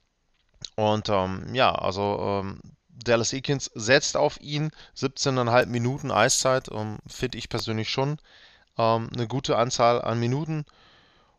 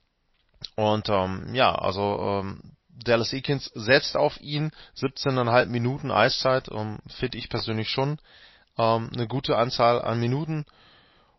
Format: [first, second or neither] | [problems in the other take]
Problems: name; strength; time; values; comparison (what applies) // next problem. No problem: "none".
first | garbled, watery; slightly; nothing above 5.5 kHz